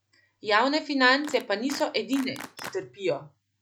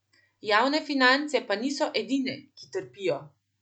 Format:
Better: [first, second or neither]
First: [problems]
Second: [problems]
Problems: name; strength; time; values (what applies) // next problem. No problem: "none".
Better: second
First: background sound (Clapping); 16 dB below the speech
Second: none